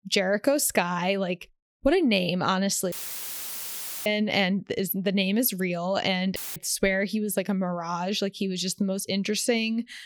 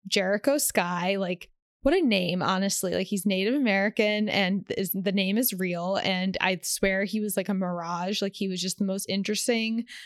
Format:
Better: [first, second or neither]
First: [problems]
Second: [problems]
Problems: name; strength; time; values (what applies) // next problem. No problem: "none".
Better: second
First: audio cutting out; filled with static; at 3 s for 1 s and at 6.5 s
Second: none